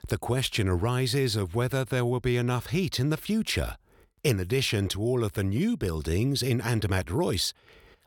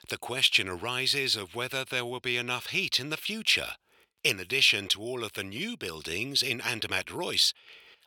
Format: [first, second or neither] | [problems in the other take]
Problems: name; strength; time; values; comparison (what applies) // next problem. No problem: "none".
first | thin; somewhat; fading below 700 Hz